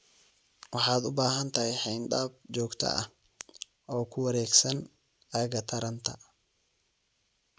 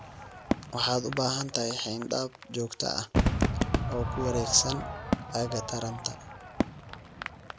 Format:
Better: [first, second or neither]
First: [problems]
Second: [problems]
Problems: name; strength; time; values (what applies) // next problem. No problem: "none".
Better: first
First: none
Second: background sound (Crowd / Fireworks); as loud as the speech